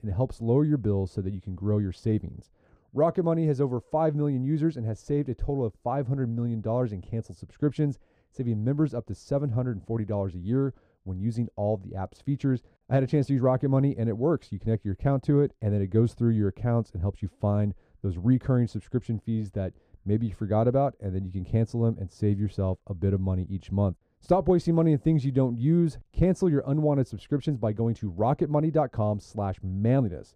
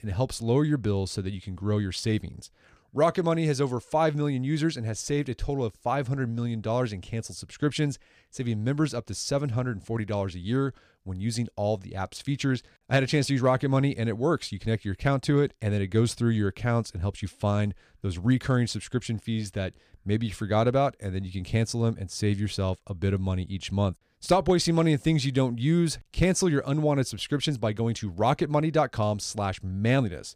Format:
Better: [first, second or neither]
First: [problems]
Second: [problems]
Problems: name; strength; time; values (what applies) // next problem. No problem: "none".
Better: second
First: muffled; very; fading above 1.5 kHz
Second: none